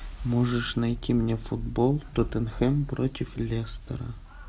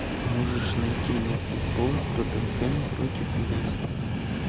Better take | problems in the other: first | background sound (Train); 2 dB above the speech

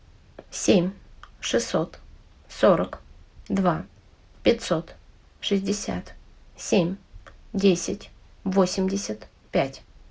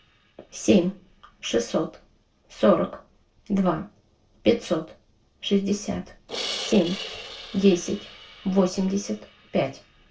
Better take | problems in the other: first | noise reduction (neural separator model SepFormer DNS4)

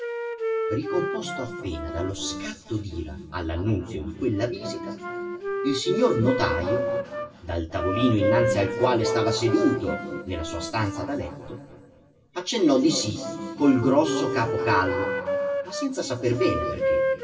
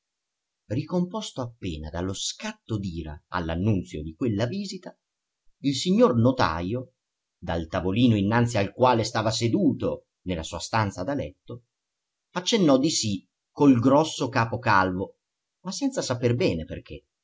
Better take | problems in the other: second | background sound (Wind instrument, woodwind instrument); 4 dB below the speech // room echo; dies away in 2.4 s

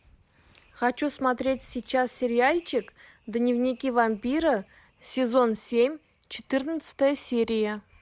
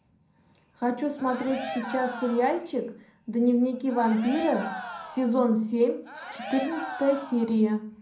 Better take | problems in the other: first | background sound (Cheering); 11 dB below the speech // room echo; dies away in 0.6 s

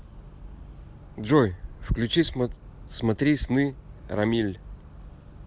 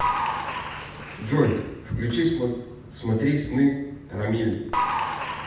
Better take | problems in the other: first | background sound (Applause / Crowd); 5 dB below the speech // room echo; dies away in 0.8 s

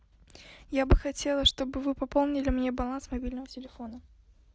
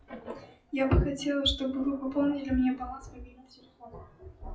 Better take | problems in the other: first | noise reduction (classical method WPE with log-MMSE)

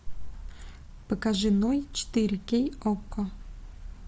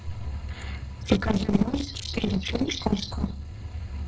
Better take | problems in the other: first | noise reduction (neural separator model SepFormer DNS4)

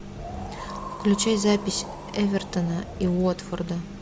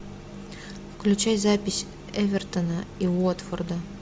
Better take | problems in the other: second | background sound (Wind); 13 dB below the speech

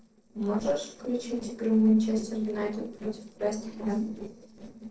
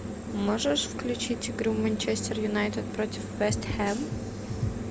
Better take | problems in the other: second | noise reduction (neural separator model SepFormer DNS4)

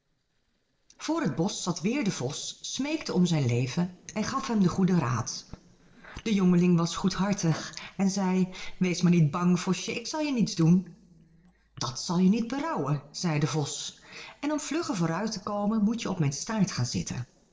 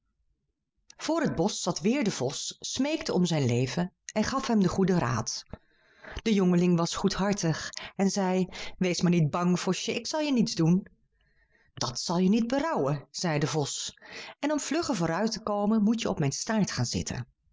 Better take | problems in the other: second | noise reduction (neural separator model SepFormer DNS4)

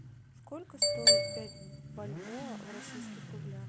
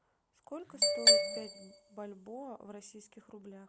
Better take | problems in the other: second | background sound (Motorcycle / Accelerating, revving, vroom); 12 dB below the speech

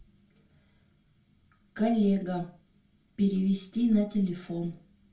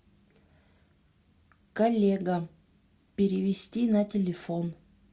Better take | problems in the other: second | room echo; dies away in 0.3 s

